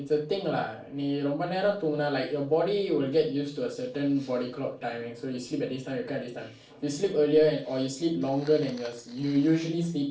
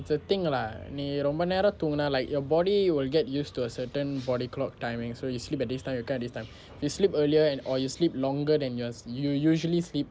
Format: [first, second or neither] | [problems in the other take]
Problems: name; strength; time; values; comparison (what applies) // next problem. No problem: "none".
second | noise reduction (neural separator model SepFormer DNS4)